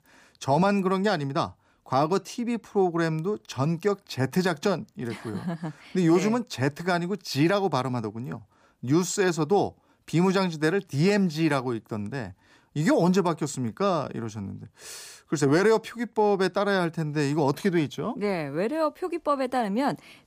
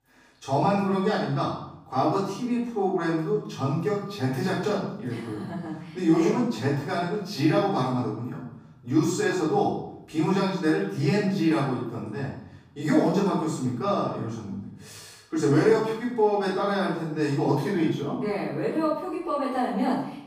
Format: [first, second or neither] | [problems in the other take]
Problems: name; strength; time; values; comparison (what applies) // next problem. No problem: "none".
first | off-mic speech; far // room echo; noticeable; dies away in 0.7 s